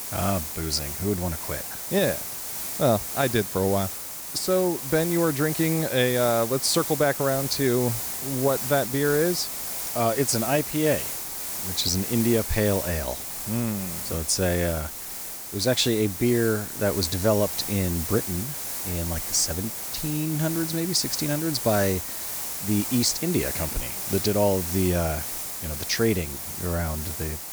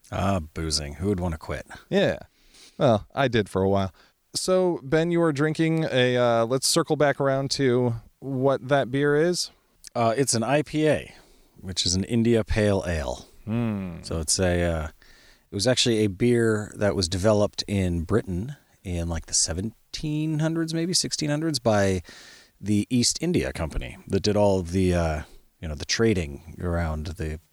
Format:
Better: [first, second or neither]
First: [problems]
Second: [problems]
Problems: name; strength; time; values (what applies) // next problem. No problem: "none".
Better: second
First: hiss; loud; throughout; 3 dB below the speech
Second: none